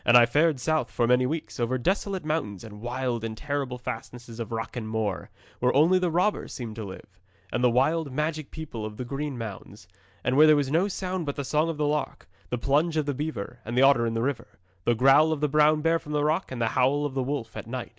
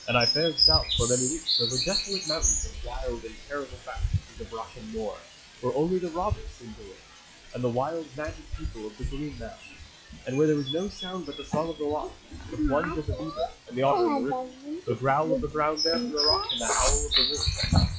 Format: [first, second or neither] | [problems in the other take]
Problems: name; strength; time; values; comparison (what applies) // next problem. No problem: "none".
first | noise reduction (classical method log-MMSE)